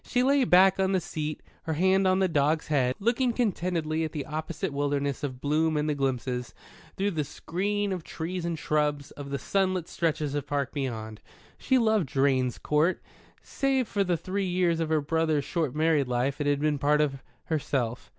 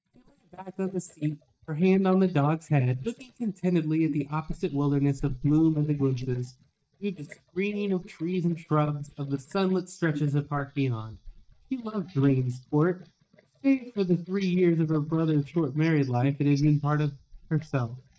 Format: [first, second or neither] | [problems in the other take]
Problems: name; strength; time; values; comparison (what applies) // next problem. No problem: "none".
first | noise reduction (neural mask model DeepFilterNet 3)